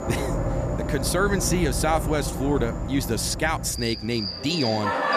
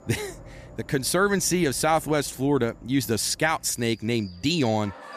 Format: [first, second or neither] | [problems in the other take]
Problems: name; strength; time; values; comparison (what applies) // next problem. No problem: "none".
second | animal sounds; loud; throughout; 4 dB below the speech; faint in the second